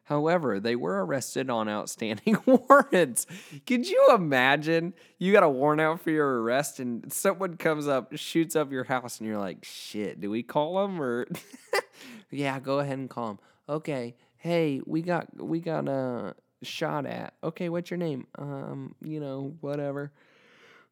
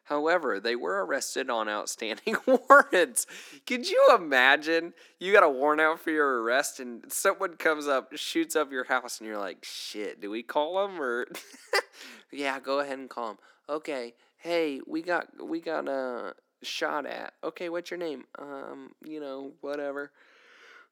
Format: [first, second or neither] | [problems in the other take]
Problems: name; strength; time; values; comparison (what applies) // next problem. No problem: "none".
first | thin; somewhat; fading below 300 Hz